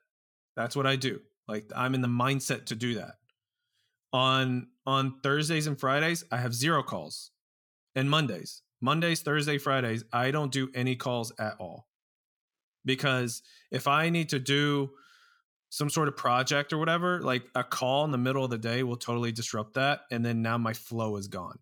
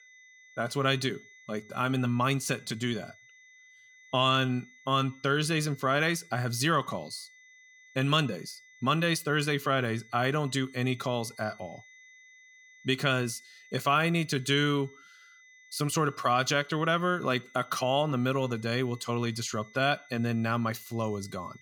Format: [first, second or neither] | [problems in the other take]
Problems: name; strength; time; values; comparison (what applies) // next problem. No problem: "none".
first | high-pitched whine; faint; throughout; 2 kHz, 25 dB below the speech